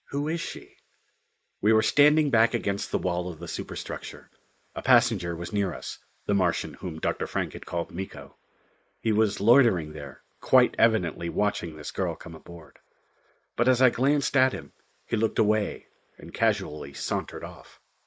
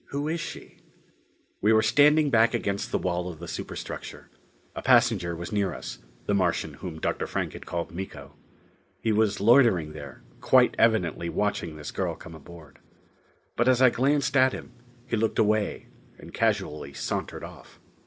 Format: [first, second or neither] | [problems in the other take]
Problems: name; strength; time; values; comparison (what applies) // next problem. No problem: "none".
second | noise reduction (neural mask model Resemble Enhance denoiser)